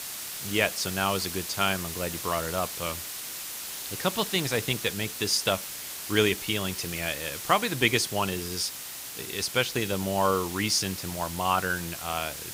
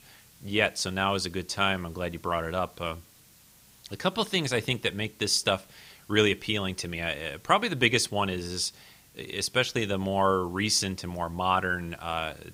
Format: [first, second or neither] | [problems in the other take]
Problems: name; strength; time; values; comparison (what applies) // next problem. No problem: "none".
second | hiss; loud; throughout; 7 dB below the speech; faint in the second